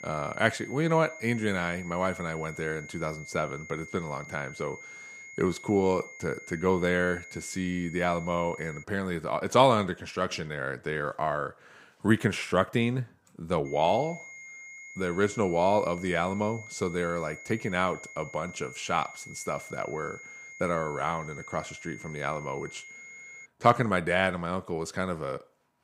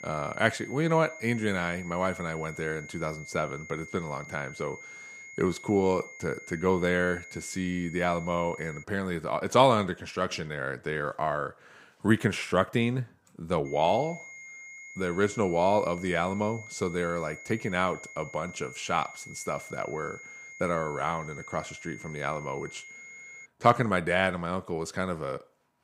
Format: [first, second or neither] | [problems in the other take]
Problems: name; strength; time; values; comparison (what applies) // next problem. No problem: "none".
neither | high-pitched whine; noticeable; until 9 s and from 14 to 23 s; 2 kHz, 15 dB below the speech; the same in both